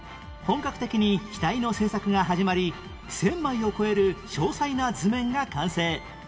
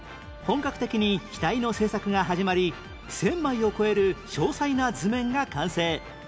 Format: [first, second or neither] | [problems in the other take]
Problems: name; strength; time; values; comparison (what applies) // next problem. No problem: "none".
second | room echo; dies away in 0.3 s